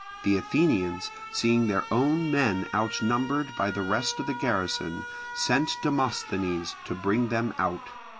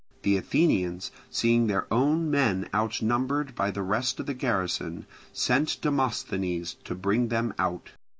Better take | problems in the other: second | background sound (Alarm); 12 dB below the speech

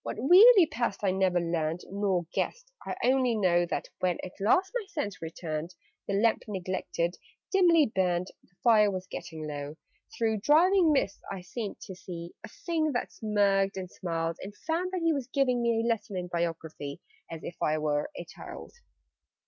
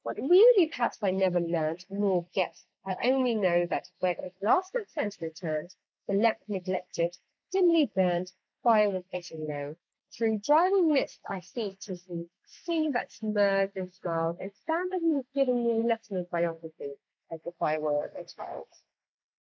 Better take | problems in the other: first | noise reduction (neural mask model Resemble Enhance denoiser)

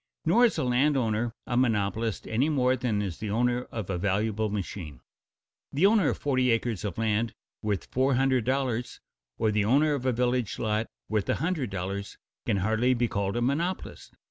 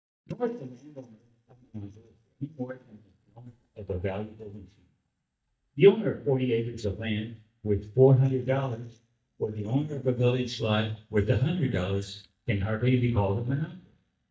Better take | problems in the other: first | noise reduction (neural mask model DeepFilterNet 3)

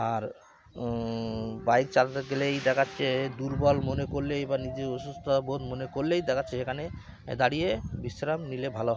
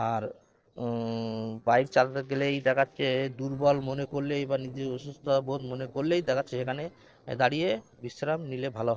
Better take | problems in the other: first | noise reduction (neural separator model SepFormer DNS4)

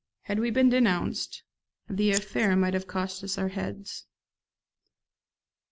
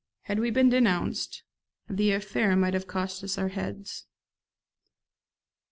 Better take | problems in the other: second | background sound (Scissors); 8 dB below the speech

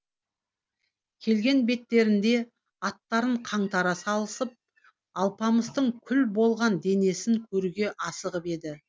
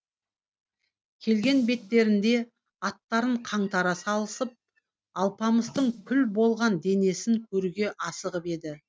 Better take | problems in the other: first | noise reduction (neural mask model RNNoise)

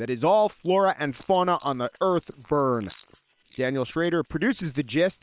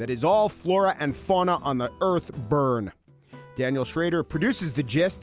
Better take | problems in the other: second | noise reduction (neural separator model SepFormer WHAM!)

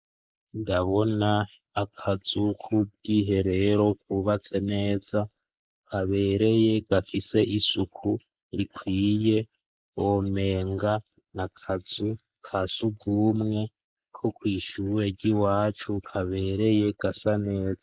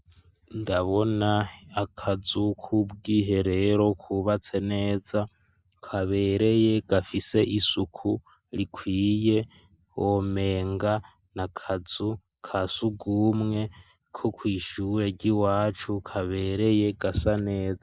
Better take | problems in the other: second | noise reduction (neural mask model Resemble Enhance denoiser)

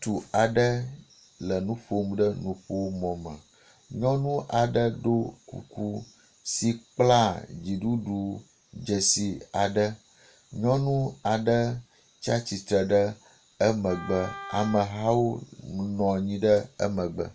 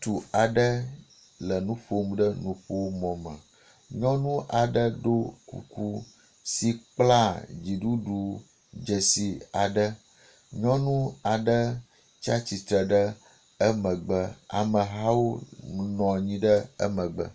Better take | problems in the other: second | background sound (Wind instrument, woodwind instrument); 15 dB below the speech

